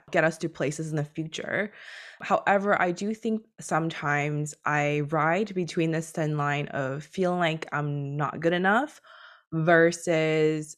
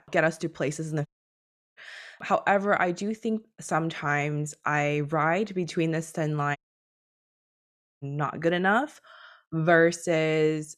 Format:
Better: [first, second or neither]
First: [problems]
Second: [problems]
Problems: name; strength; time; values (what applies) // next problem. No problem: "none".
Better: first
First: none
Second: audio cutting out; at 1 s for 0.5 s and at 6.5 s for 1.5 s